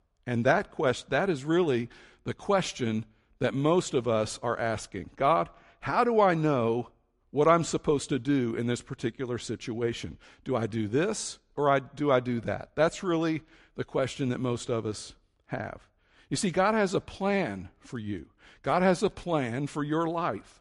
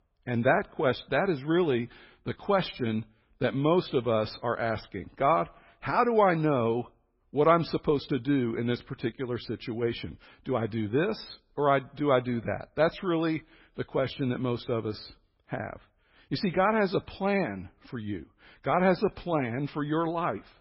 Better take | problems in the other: first | garbled, watery; badly; nothing above 5.5 kHz; slightly in the first

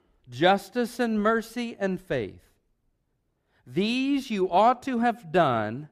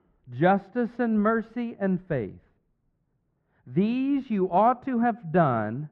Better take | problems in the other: first | muffled; very; fading above 1.5 kHz

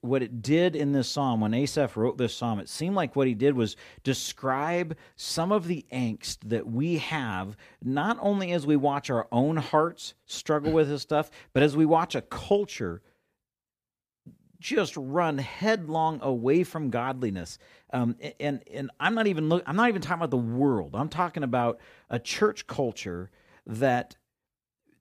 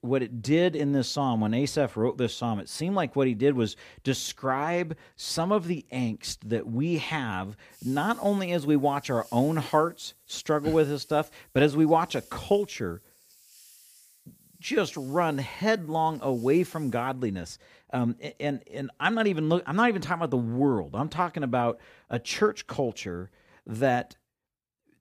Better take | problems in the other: first | hiss; faint; from 7.5 to 17 s; 25 dB below the speech

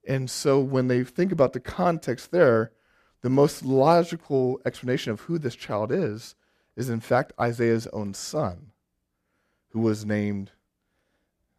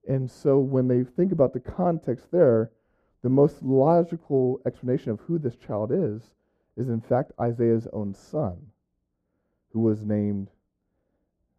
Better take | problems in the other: first | muffled; very; fading above 1 kHz

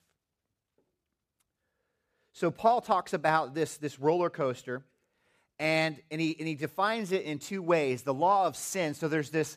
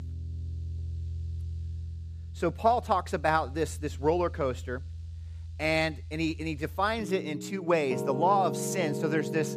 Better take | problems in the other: first | background music; loud; throughout; 9 dB below the speech

